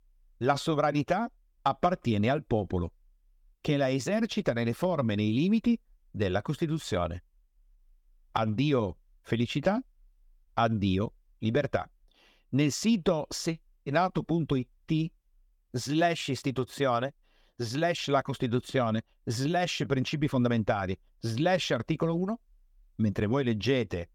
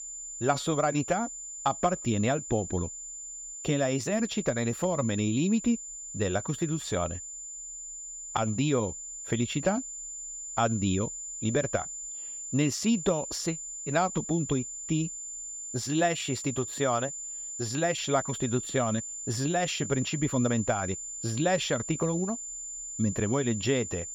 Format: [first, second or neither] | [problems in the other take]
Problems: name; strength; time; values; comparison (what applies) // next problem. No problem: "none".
first | high-pitched whine; loud; throughout; 7 kHz, 7 dB below the speech